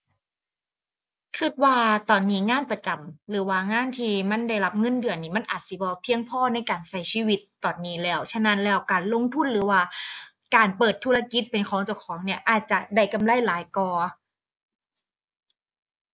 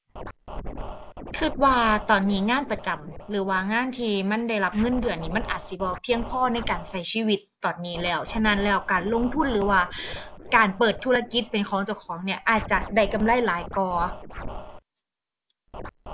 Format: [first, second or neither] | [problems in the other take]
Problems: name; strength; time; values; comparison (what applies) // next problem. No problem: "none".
first | background sound (Scratching (performance technique)); 11 dB below the speech